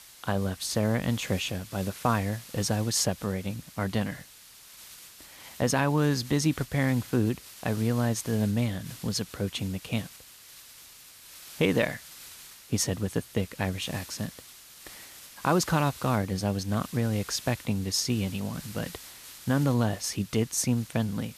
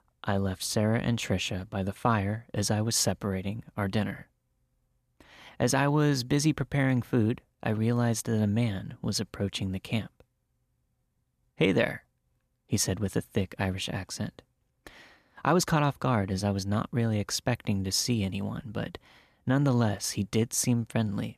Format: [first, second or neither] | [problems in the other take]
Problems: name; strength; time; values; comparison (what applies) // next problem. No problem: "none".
second | hiss; noticeable; throughout; 15 dB below the speech